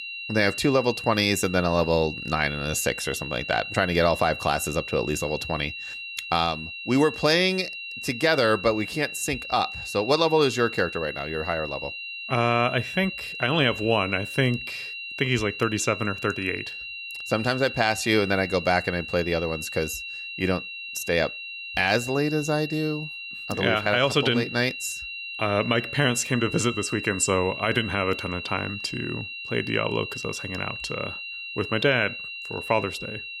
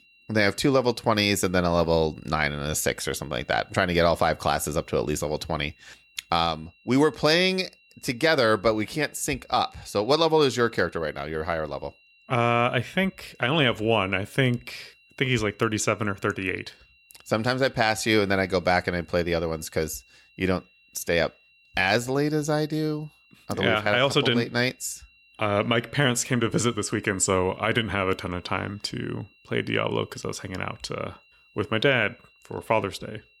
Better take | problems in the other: second | high-pitched whine; loud; throughout; 2.5 kHz, 8 dB below the speech; faint in the second

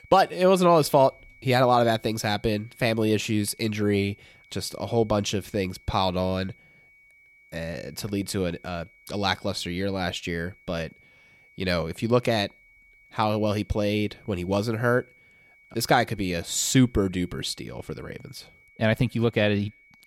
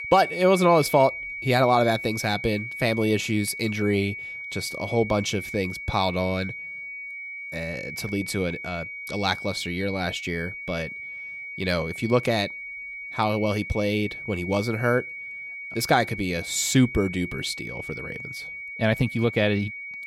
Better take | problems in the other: first | high-pitched whine; loud; throughout; 2.5 kHz, 9 dB below the speech; faint in the first

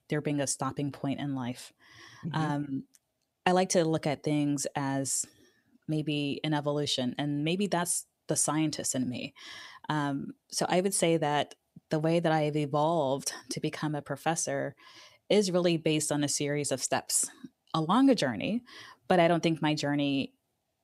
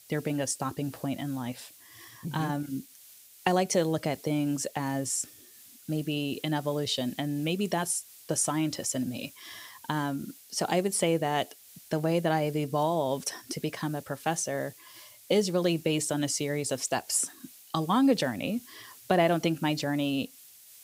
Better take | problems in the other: first | hiss; faint; throughout; 20 dB below the speech

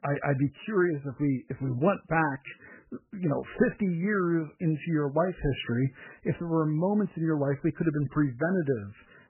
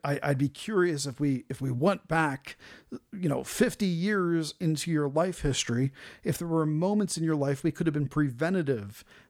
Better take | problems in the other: second | garbled, watery; badly; nothing above 3 kHz

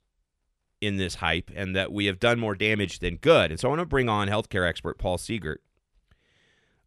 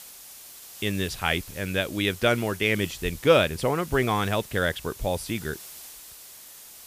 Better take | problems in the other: first | hiss; noticeable; throughout; 15 dB below the speech

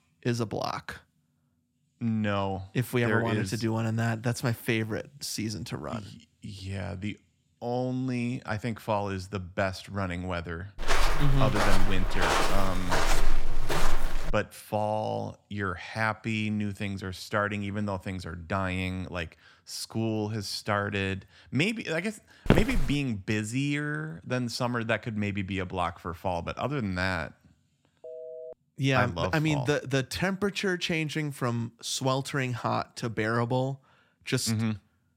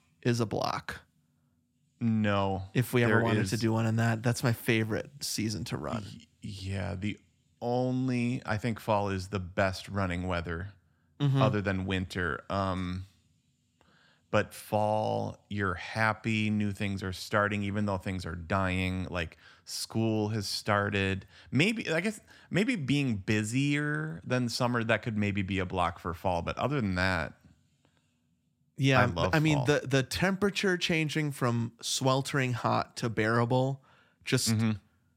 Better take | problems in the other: second | footsteps; loud; from 11 to 14 s and at 22 s; peak 5 dB above the speech // phone ringing; faint; at 28 s; peak 10 dB below the speech

